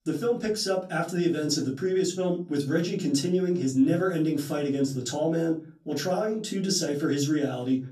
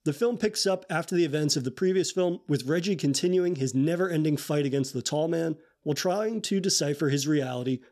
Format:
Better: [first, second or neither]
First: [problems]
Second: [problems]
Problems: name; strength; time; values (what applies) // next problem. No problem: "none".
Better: second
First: off-mic speech; far // room echo; very slight; dies away in 0.3 s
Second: none